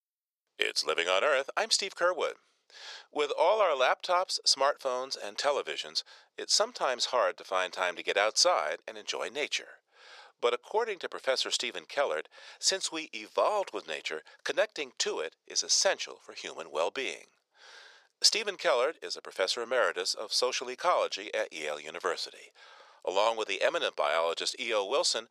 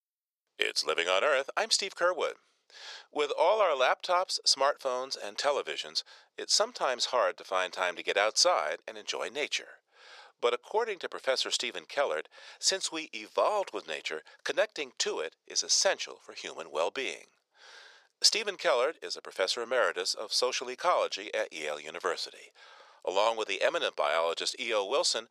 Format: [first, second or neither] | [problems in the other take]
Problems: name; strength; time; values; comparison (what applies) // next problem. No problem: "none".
neither | thin; very; fading below 500 Hz; the same in both